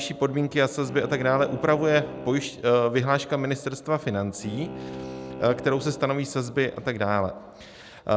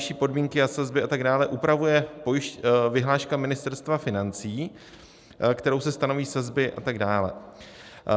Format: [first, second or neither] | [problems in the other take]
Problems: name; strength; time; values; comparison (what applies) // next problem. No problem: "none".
second | background sound (Bowed string instrument); 14 dB below the speech